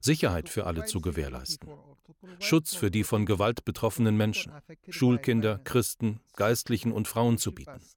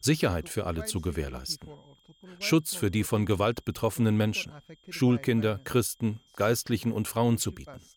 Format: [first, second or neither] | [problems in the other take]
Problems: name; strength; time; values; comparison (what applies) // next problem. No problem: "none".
first | high-pitched whine; faint; throughout; 3 kHz, 35 dB below the speech